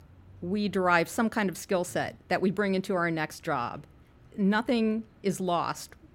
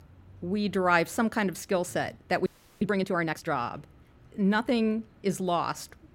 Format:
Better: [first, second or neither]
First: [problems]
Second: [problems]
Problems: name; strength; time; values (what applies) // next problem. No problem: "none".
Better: first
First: none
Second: audio freezing; at 2.5 s